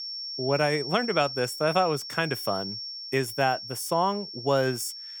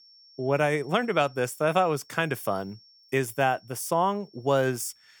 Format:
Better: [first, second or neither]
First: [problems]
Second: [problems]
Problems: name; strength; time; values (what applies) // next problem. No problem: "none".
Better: second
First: high-pitched whine; loud; throughout; 5.5 kHz, 7 dB below the speech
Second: high-pitched whine; faint; throughout; 5.5 kHz, 25 dB below the speech